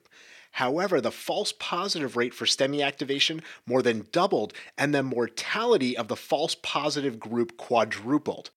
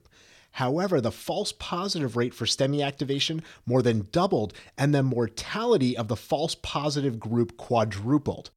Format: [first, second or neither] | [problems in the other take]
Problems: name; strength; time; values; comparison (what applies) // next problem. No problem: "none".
second | thin; very slightly; fading below 250 Hz